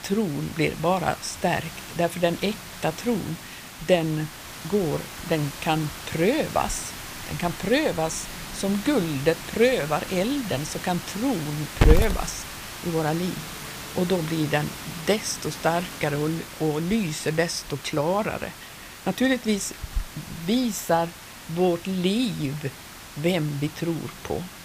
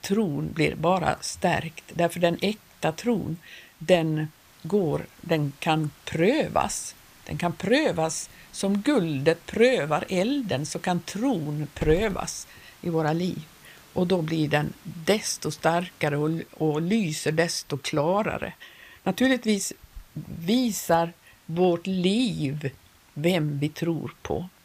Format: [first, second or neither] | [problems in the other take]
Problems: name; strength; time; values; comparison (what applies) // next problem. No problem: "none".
second | hiss; loud; throughout; 9 dB below the speech; faint in the second